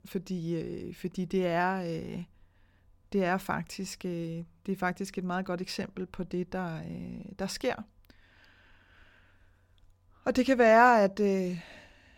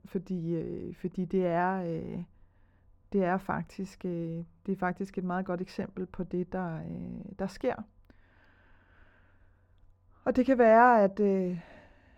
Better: first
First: none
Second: muffled; slightly; fading above 2 kHz

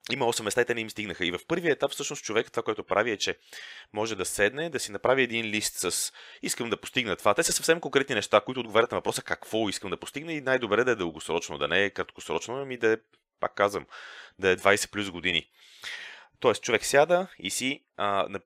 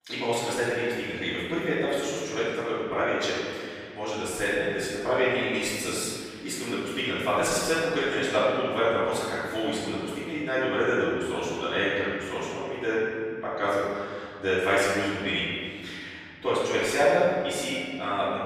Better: first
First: none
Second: room echo; strong; dies away in 2.4 s // off-mic speech; far

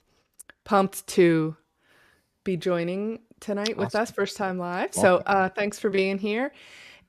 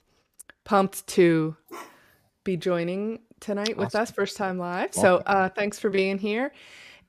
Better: first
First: none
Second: dog barking; faint; at 1.5 s; peak 20 dB below the speech

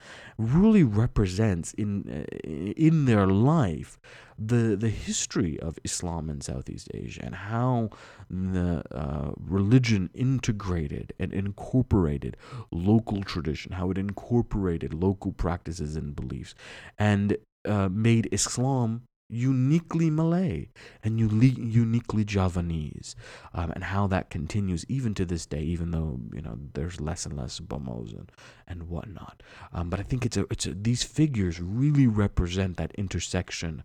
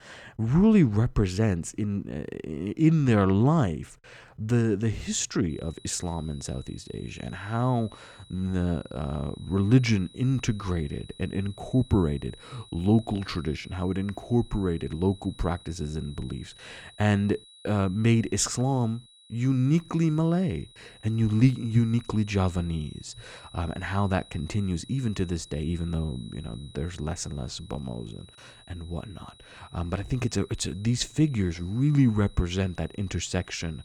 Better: first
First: none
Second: high-pitched whine; faint; from 5.5 s on; 4 kHz, 25 dB below the speech

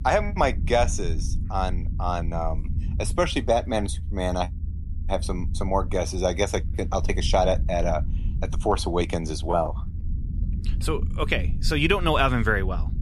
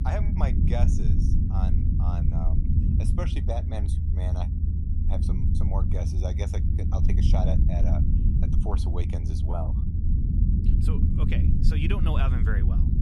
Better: first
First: low rumble; faint; throughout; 20 dB below the speech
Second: low rumble; loud; throughout; 1 dB below the speech

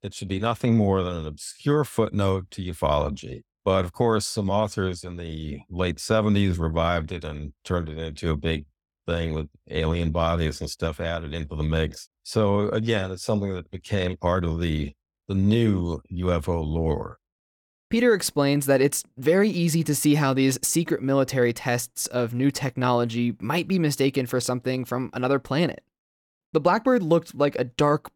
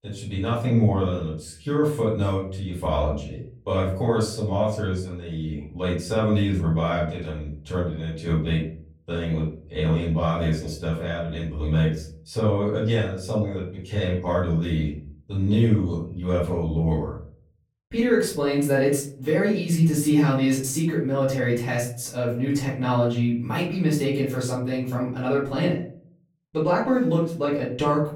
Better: first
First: none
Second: off-mic speech; far // room echo; slight; dies away in 0.5 s

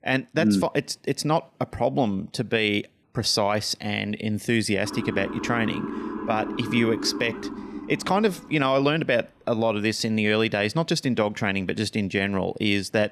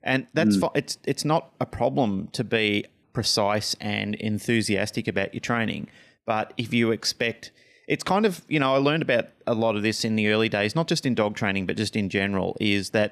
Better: second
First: siren; noticeable; from 5 to 8.5 s; peak 6 dB below the speech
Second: none

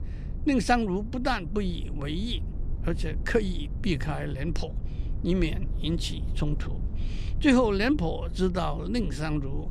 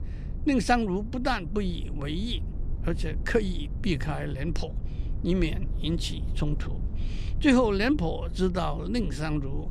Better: neither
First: low rumble; noticeable; throughout; 20 dB below the speech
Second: low rumble; noticeable; throughout; 20 dB below the speech

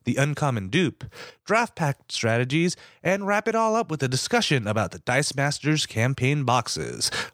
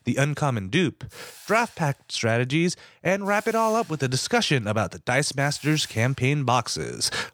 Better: first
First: none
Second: hiss; faint; throughout; 20 dB below the speech

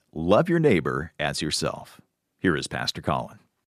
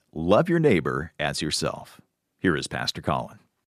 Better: neither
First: none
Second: none

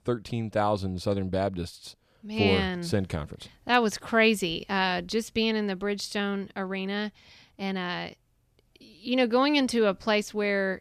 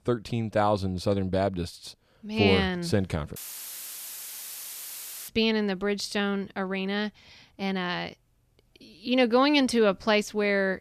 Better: first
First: none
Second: audio cutting out; filled with static; at 3.5 s for 2 s

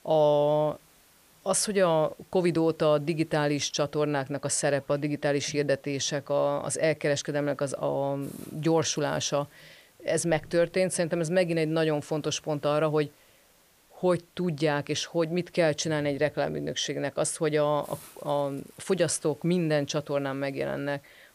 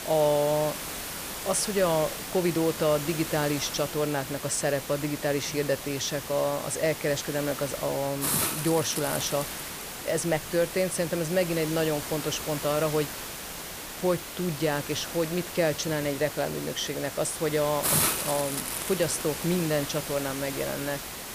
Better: first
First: hiss; faint; throughout; 30 dB below the speech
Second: hiss; loud; throughout; 4 dB below the speech

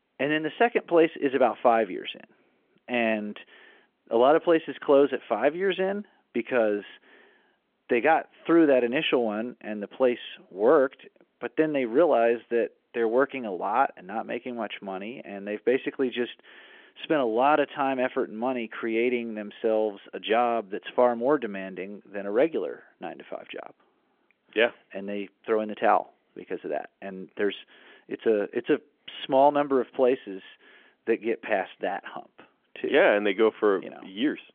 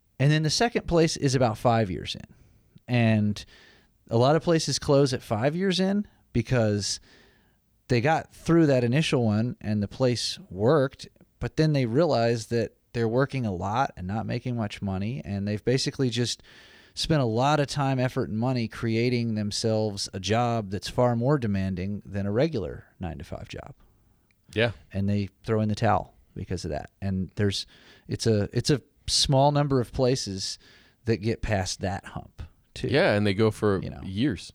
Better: second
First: phone-call audio; nothing above 3.5 kHz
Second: none

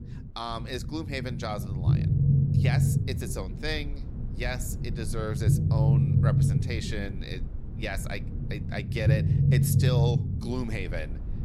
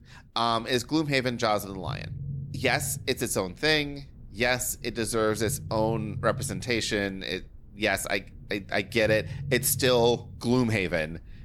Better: second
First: low rumble; loud; throughout; 2 dB below the speech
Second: low rumble; faint; throughout; 25 dB below the speech

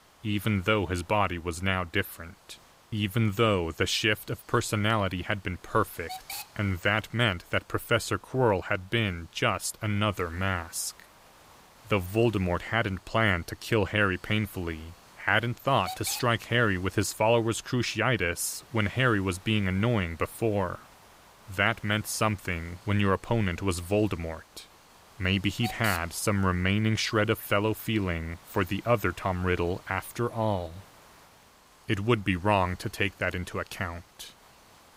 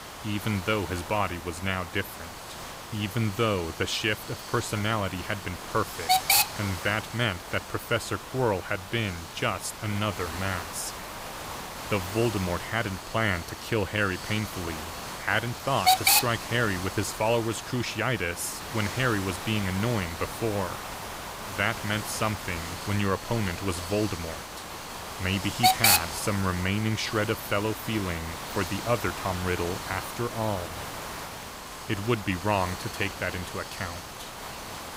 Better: first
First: hiss; faint; throughout; 20 dB below the speech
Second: hiss; loud; throughout; 2 dB below the speech

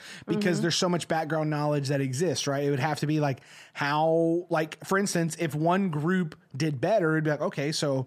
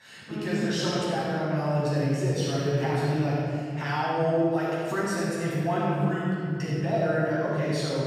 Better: first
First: none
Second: off-mic speech; far // room echo; strong; dies away in 2.4 s

